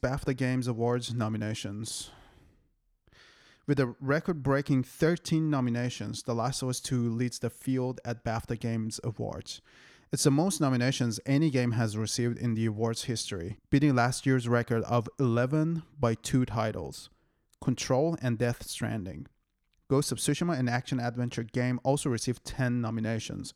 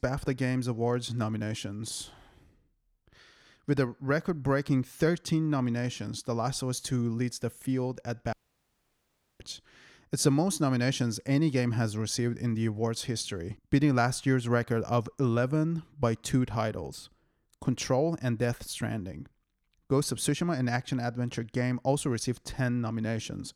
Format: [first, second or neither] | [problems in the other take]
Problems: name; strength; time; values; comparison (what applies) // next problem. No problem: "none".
first | audio cutting out; at 8.5 s for 1 s